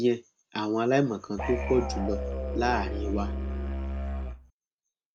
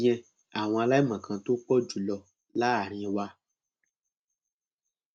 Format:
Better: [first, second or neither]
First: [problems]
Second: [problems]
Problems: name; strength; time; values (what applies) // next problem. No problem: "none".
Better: second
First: background sound (Musical instrument); 2 dB below the speech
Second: none